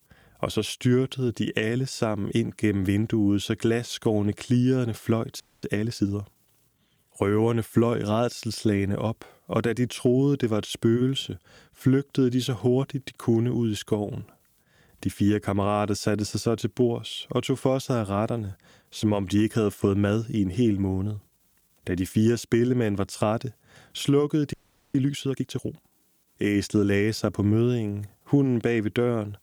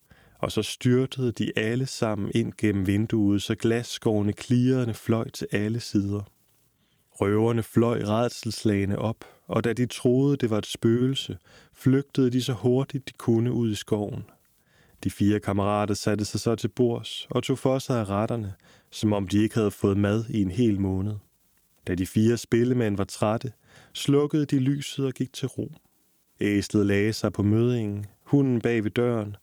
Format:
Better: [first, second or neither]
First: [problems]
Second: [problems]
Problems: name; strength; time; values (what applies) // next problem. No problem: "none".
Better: second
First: audio freezing; at 5.5 s and at 25 s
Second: none